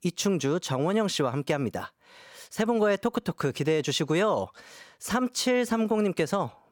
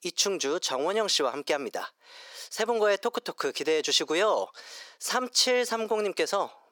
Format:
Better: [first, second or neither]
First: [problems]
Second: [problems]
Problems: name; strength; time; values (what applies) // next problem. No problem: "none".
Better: first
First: none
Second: thin; somewhat; fading below 400 Hz